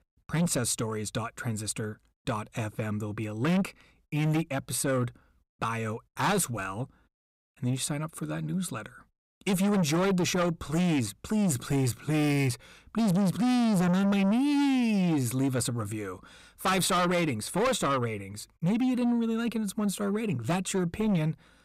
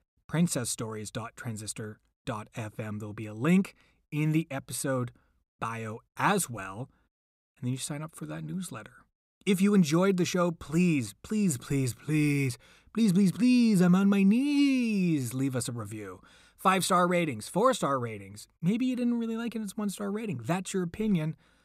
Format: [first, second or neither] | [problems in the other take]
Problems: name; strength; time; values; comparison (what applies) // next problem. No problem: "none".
second | distortion; heavy; 8 dB below the speech